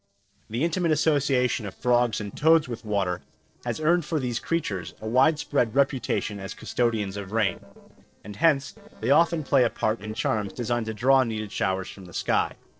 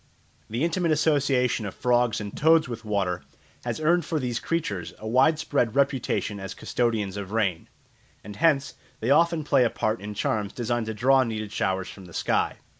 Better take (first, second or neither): second